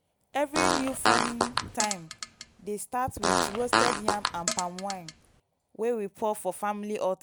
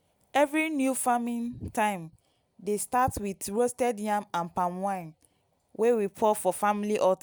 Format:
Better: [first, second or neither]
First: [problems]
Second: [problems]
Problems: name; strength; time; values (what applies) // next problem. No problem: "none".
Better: second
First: background sound (Fart); 3 dB above the speech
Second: none